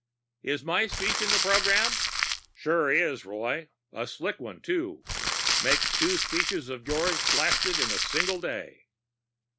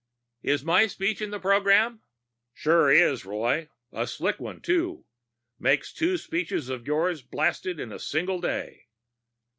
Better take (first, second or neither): second